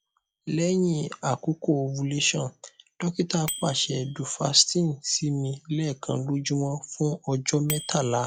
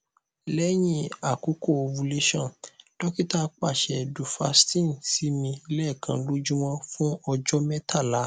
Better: second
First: noise reduction (classical method log-MMSE)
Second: none

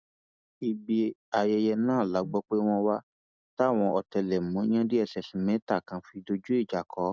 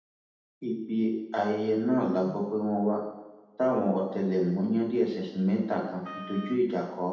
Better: first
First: none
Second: background sound (Wind instrument, woodwind instrument); 17 dB below the speech // room echo; dies away in 0.9 s

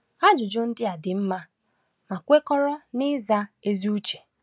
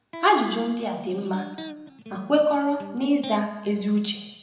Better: first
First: none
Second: background sound (Electric guitar); 15 dB below the speech // room echo; dies away in 0.9 s

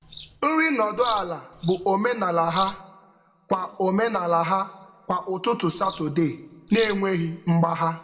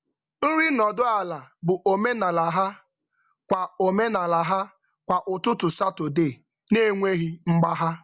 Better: second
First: background sound (Bird vocalization, bird call, bird song); 17 dB below the speech // room echo; dies away in 1 s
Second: none

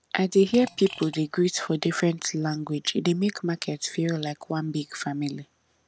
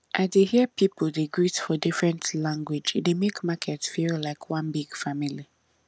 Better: second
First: background sound (Fart); 16 dB below the speech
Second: none

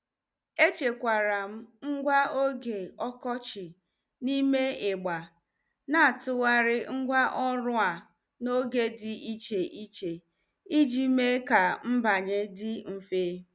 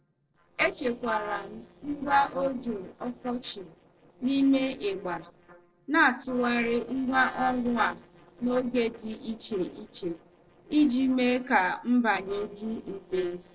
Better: first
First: none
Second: noise reduction (neural separator model SepFormer DNS4)

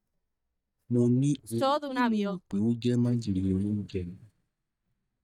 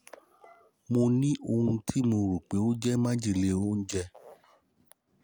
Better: second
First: noise reduction (neural mask model DeepFilterNet 3)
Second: none

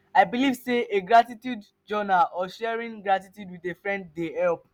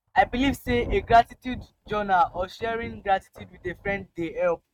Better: first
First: none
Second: noise reduction (neural mask model RNNoise)

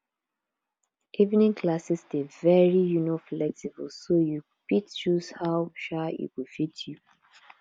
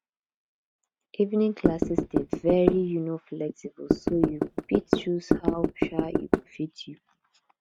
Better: first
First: none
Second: noise reduction (neural mask model RNNoise)

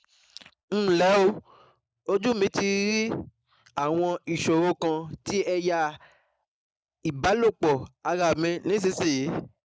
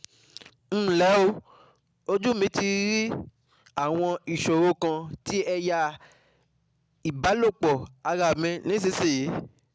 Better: second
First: noise reduction (neural mask model Resemble Enhance denoiser)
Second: none

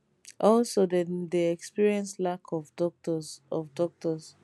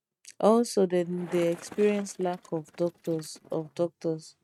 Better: first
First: none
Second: noise reduction (neural mask model RNNoise)

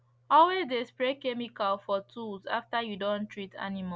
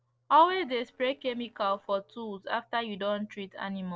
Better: first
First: none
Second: noise reduction (neural separator model SepFormer DNS4)

